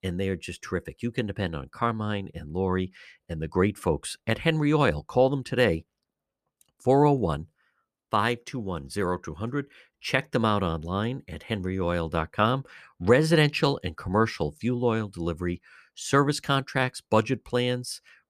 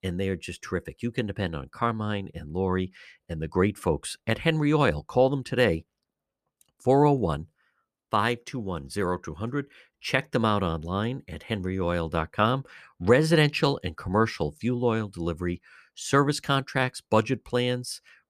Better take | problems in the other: neither | none

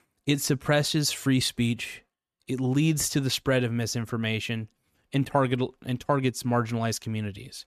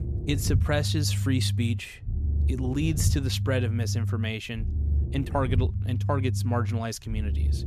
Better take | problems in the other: first | low rumble; noticeable; throughout; 10 dB below the speech

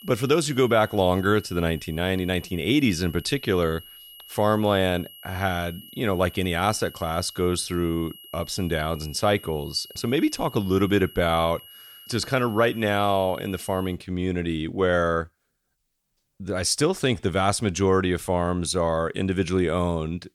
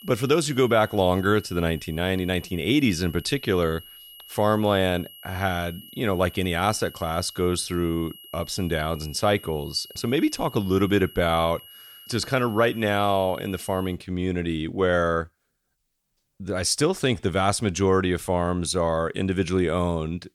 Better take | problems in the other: neither | high-pitched whine; noticeable; until 14 s; 3 kHz, 20 dB below the speech; the same in both

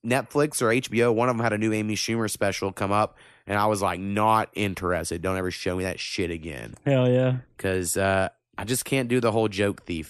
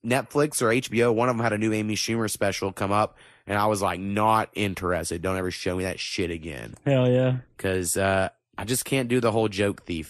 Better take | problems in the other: first | garbled, watery; slightly; nothing above 14 kHz

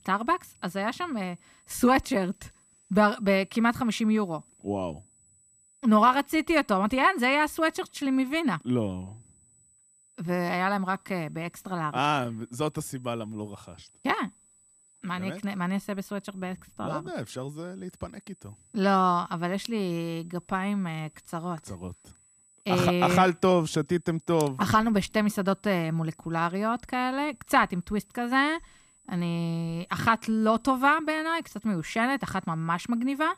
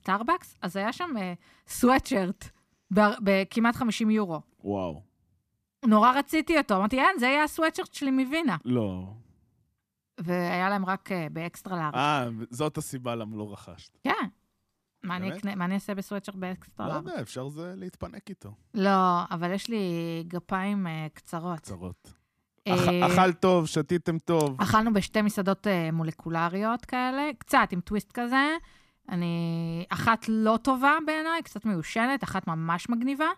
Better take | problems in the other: second | high-pitched whine; faint; throughout; 8 kHz, 30 dB below the speech

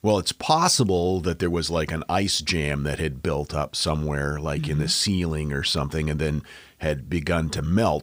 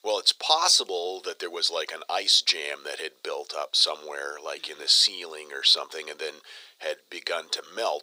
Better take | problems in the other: first | thin; very; fading below 450 Hz

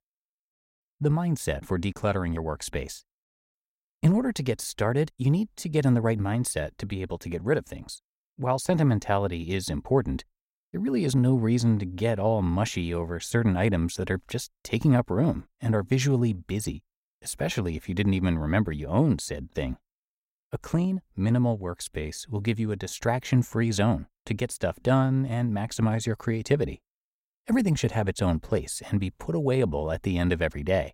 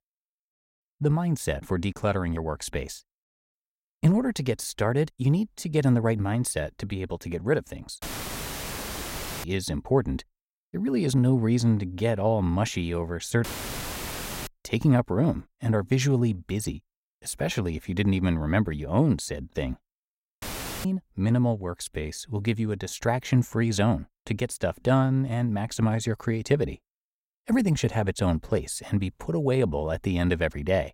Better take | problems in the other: first | audio cutting out; filled with static; at 8 s for 1.5 s, at 13 s for 1 s and at 20 s

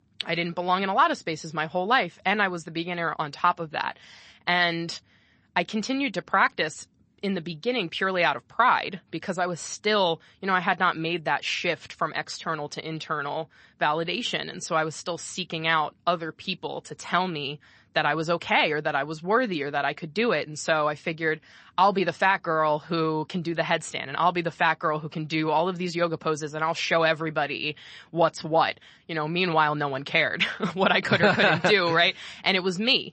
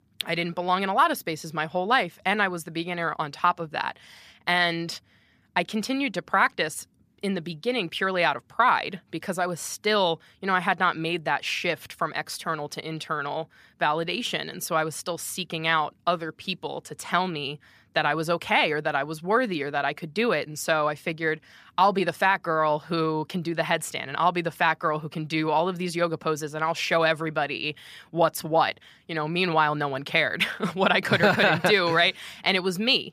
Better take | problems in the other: second | garbled, watery; slightly; nothing above 8 kHz

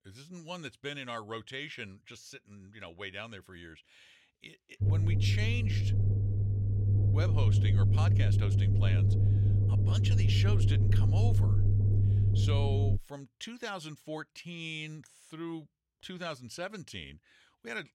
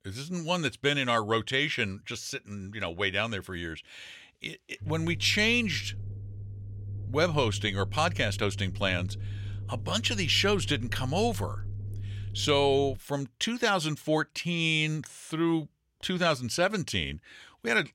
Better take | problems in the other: second | low rumble; loud; from 5 to 13 s; 1 dB below the speech; faint in the second

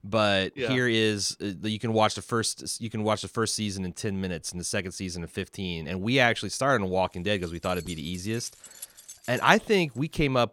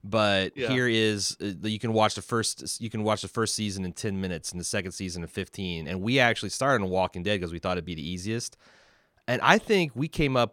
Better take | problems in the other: second | jangling keys; faint; from 7.5 to 10 s; peak 15 dB below the speech

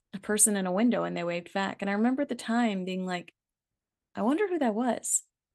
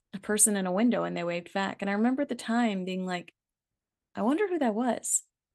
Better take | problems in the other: neither | none

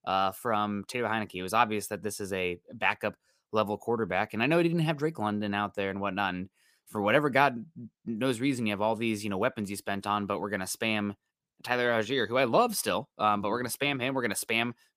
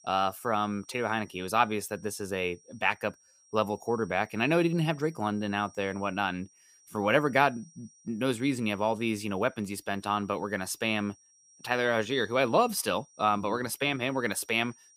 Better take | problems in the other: first | high-pitched whine; faint; throughout; 5.5 kHz, 25 dB below the speech

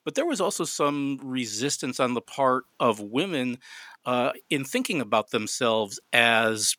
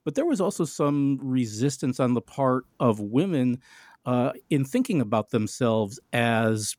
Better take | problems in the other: second | thin; somewhat; fading below 800 Hz

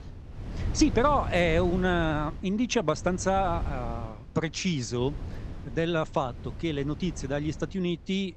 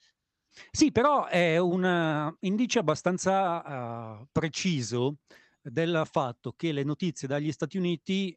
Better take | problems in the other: second | wind noise on the microphone; occasional gusts; 20 dB below the speech

